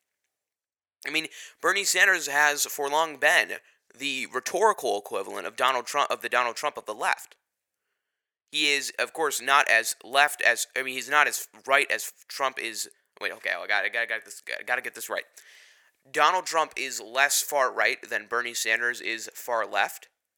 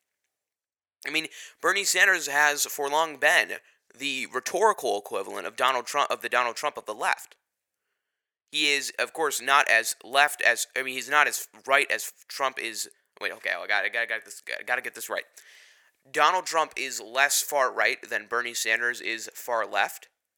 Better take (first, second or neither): neither